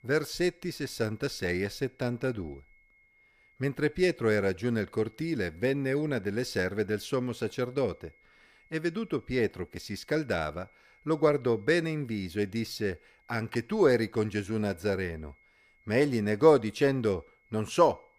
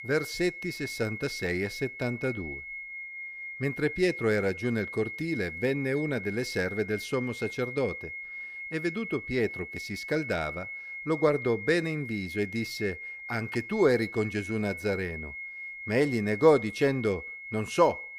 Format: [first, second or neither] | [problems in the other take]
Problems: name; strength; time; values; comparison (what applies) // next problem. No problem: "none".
first | high-pitched whine; loud; throughout; 2 kHz, 8 dB below the speech; faint in the first